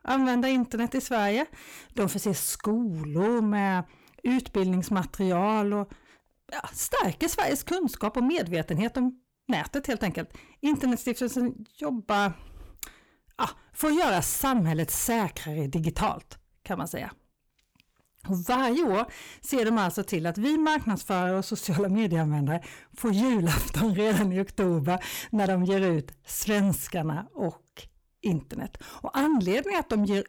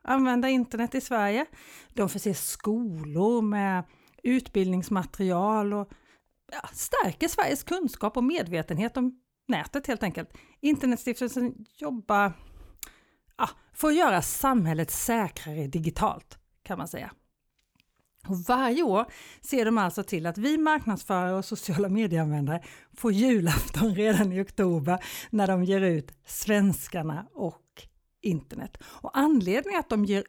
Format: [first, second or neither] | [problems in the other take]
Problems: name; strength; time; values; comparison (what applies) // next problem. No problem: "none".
second | distortion; slight; 10 dB below the speech